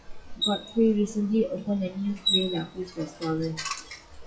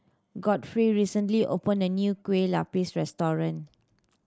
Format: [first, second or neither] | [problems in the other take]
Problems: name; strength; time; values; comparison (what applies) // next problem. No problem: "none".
second | noise reduction (classical method WPE with log-MMSE)